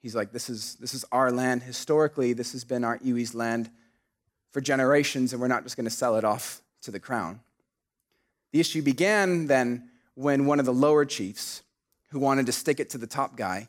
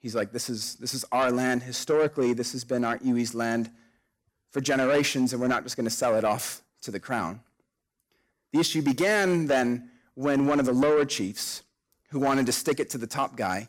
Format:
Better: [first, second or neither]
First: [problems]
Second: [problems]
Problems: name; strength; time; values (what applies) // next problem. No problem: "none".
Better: first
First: none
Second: distortion; slight; 10 dB below the speech